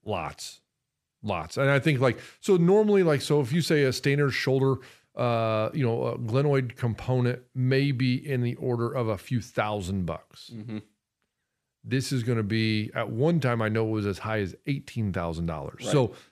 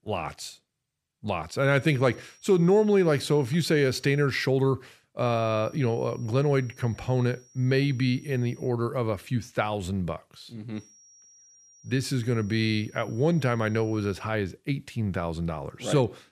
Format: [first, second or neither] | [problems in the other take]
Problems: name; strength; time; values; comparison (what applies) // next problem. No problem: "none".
first | high-pitched whine; faint; from 1.5 to 4 s, from 5 to 8.5 s and from 11 to 14 s; 5.5 kHz, 30 dB below the speech